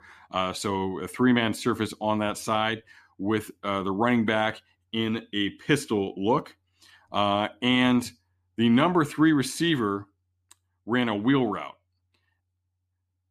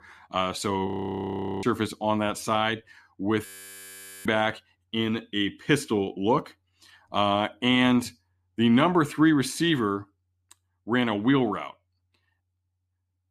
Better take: first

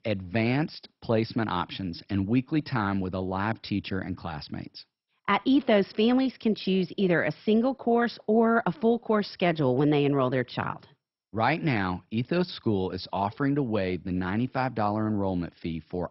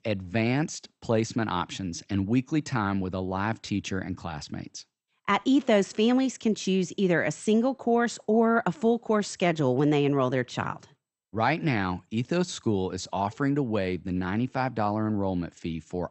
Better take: second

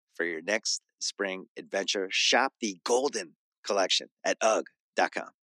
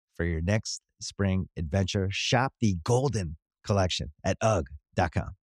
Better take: second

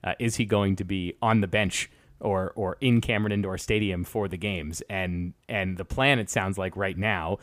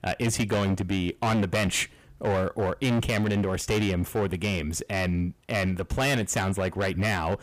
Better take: first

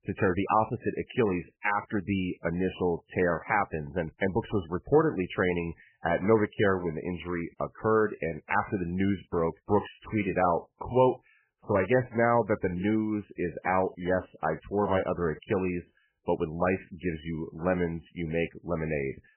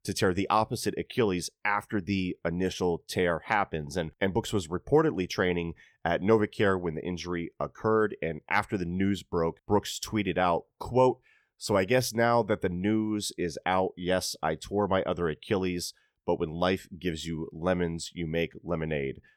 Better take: second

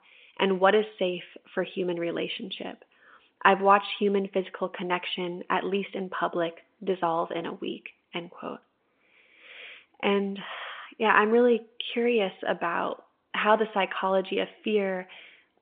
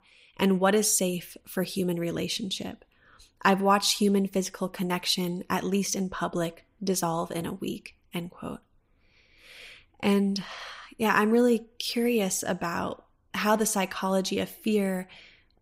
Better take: second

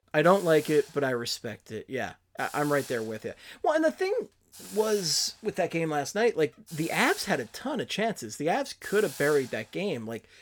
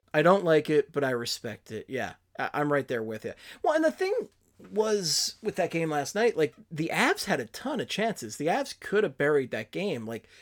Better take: second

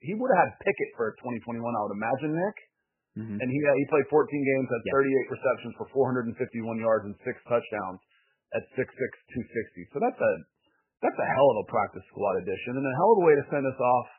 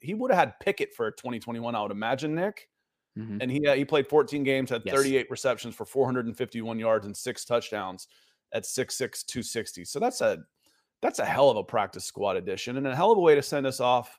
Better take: second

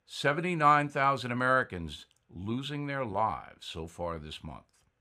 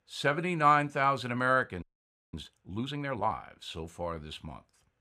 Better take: first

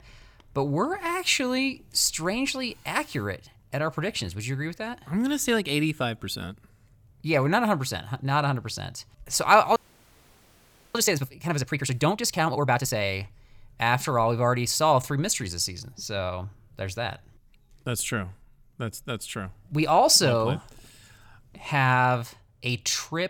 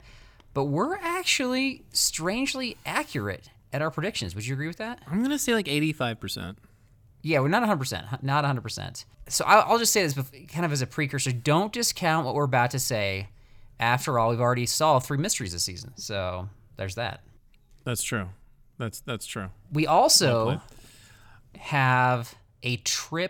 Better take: second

